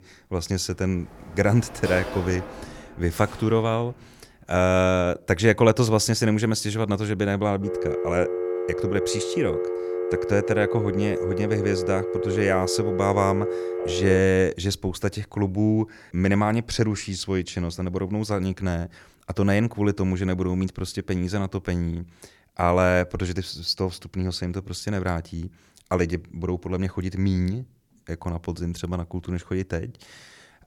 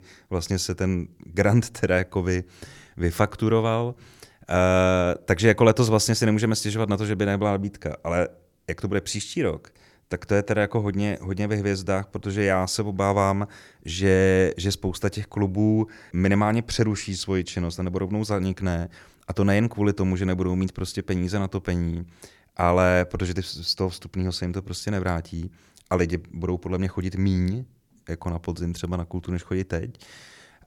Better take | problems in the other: second | door banging; noticeable; from 1 to 4 s; peak 7 dB below the speech // phone ringing; noticeable; from 7.5 to 14 s; peak 2 dB below the speech

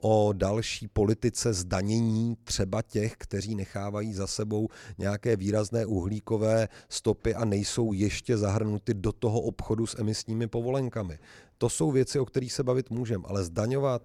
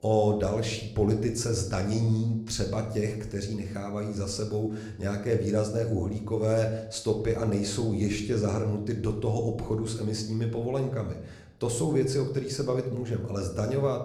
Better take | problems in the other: first | room echo; slight; dies away in 0.6 s

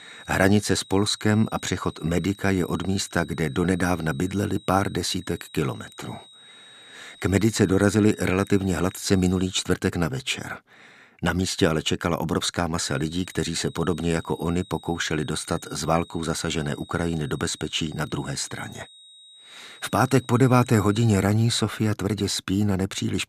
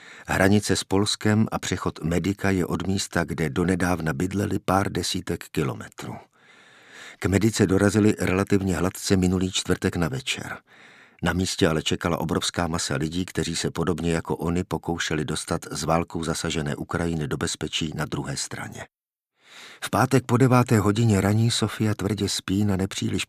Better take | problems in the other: second | high-pitched whine; faint; until 9.5 s and from 13 to 21 s; 4 kHz, 25 dB below the speech

